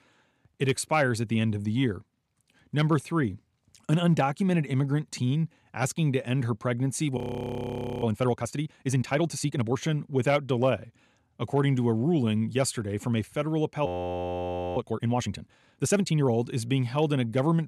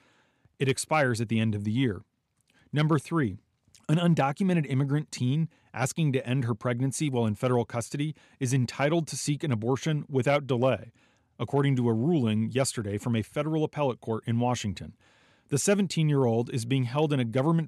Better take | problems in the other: second | audio freezing; at 7 s for 1 s and at 14 s for 1 s

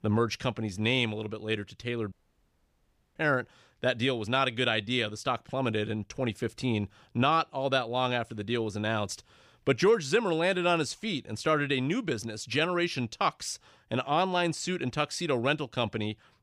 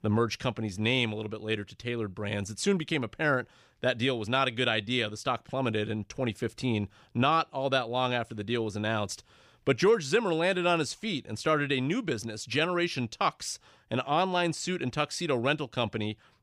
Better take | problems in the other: second | audio cutting out; at 2 s for 1 s

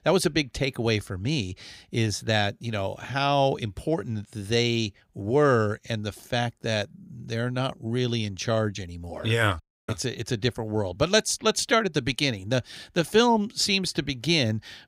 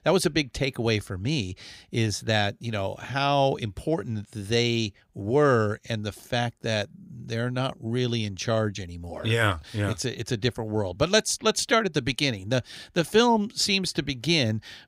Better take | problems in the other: second | audio cutting out; at 9.5 s

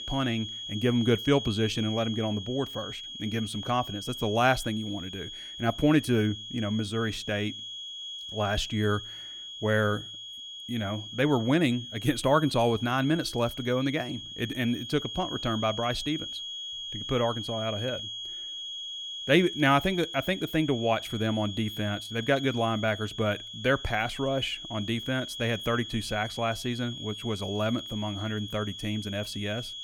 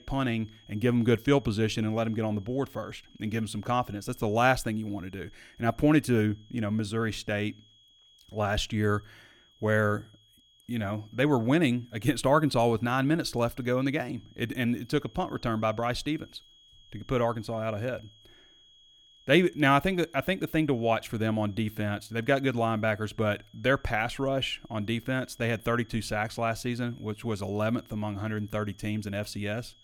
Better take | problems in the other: second | high-pitched whine; loud; throughout; 3.5 kHz, 8 dB below the speech; faint in the second

